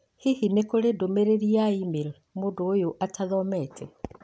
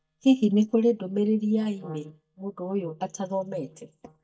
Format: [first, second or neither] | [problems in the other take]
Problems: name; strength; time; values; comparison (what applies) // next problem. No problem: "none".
first | noise reduction (neural mask model DeepFilterNet 3)